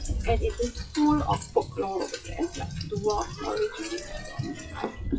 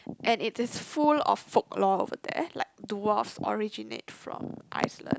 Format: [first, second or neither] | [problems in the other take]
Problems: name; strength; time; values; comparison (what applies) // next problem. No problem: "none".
second | noise reduction (classical method WPE with log-MMSE)